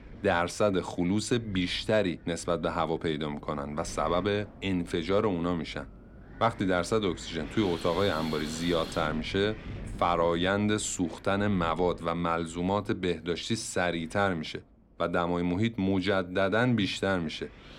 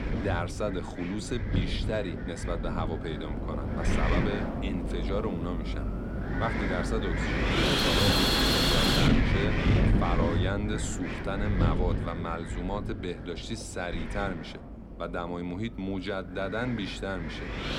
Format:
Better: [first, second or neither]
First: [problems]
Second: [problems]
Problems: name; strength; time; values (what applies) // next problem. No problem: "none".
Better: first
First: wind noise on the microphone; occasional gusts; 20 dB below the speech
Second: wind noise on the microphone; heavy; 4 dB above the speech